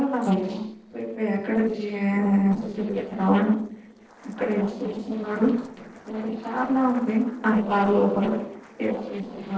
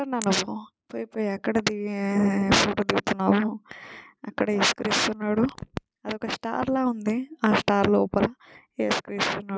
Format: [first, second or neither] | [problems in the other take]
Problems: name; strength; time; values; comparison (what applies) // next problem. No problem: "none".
second | noise reduction (neural separator model SepFormer DNS4)